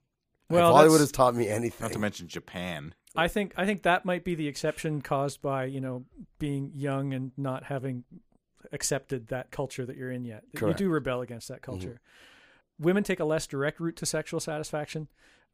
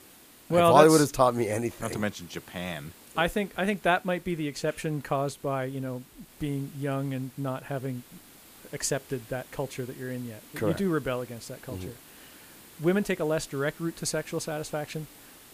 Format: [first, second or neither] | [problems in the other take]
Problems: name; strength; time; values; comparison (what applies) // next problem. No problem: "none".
first | hiss; faint; throughout; 20 dB below the speech